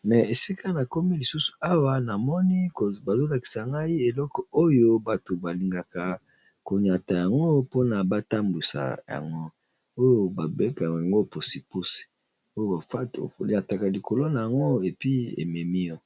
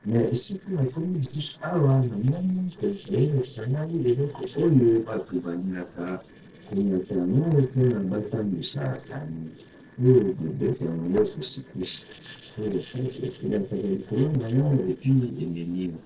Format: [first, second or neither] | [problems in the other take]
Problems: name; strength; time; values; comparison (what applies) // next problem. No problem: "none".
first | noise reduction (neural separator model SepFormer DNS4)